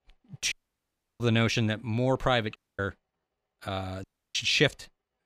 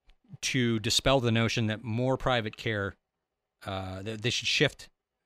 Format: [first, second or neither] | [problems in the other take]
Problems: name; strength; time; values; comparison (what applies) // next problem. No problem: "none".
second | audio cutting out; at 0.5 s for 0.5 s, at 2.5 s and at 4 s